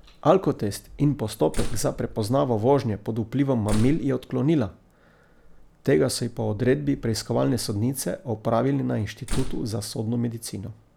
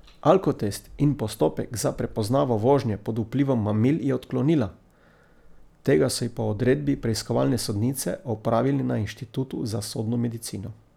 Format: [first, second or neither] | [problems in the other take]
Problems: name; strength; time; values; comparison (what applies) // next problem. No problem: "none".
second | background sound (Slam); 6 dB below the speech